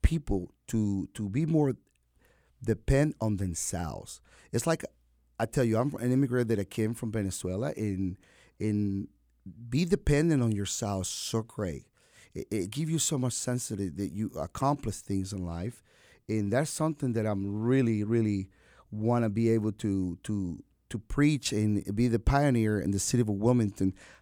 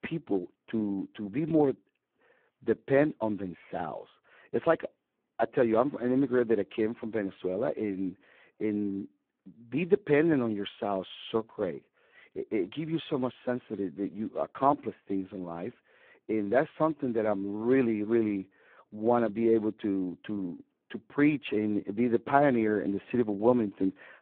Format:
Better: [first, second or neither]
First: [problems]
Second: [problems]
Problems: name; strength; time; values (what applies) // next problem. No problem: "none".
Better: first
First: none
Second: phone-call audio; poor line